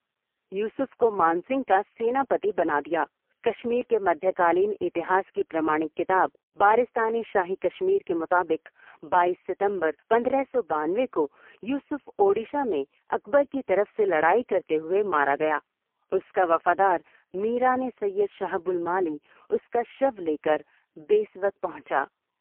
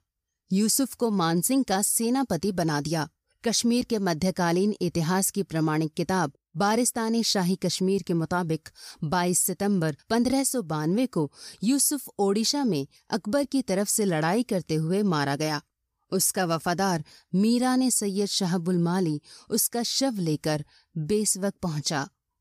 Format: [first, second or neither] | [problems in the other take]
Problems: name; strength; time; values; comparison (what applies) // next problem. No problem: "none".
second | phone-call audio; poor line; nothing above 3 kHz